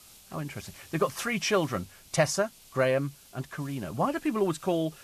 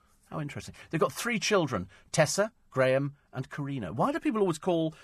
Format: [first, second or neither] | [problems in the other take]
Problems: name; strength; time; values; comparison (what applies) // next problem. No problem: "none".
second | hiss; faint; throughout; 20 dB below the speech